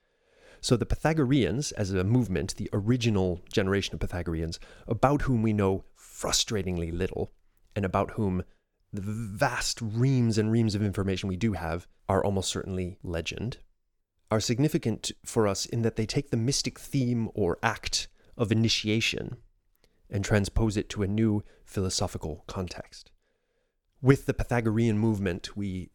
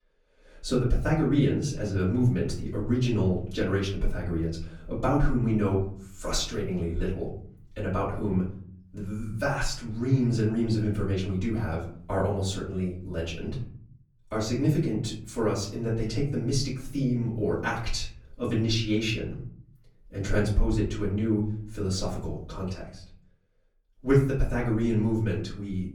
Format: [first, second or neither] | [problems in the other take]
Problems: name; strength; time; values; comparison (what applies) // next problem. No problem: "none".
first | off-mic speech; far // room echo; slight; dies away in 0.7 s